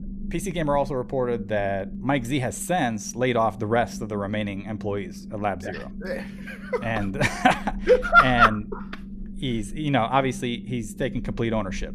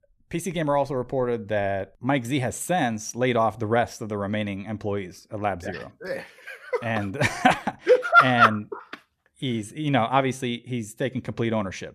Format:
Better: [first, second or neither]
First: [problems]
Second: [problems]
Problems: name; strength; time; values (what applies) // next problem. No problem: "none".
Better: second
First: low rumble; faint; throughout; 20 dB below the speech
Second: none